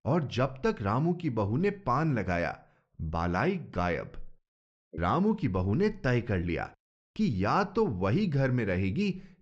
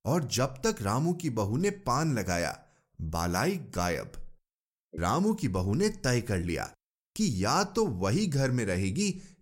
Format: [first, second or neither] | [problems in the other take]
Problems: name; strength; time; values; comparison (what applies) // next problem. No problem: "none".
second | muffled; slightly; fading above 3.5 kHz